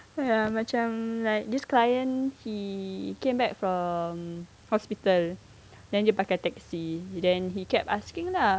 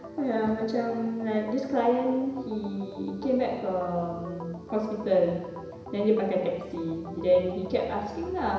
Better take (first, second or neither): first